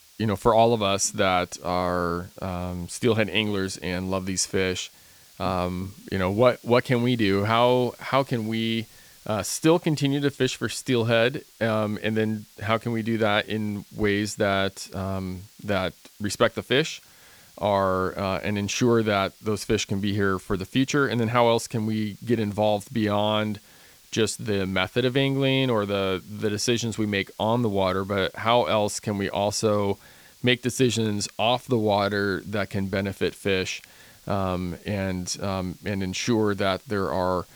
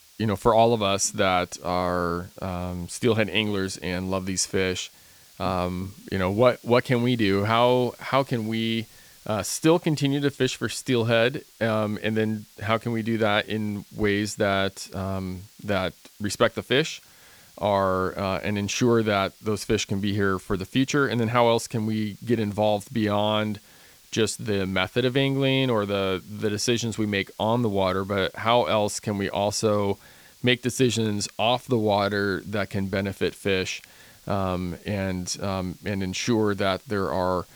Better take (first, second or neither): neither